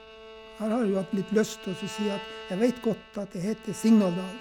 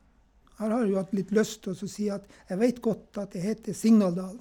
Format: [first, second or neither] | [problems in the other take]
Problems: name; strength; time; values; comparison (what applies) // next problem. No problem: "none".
second | background sound (Bowed string instrument); 15 dB below the speech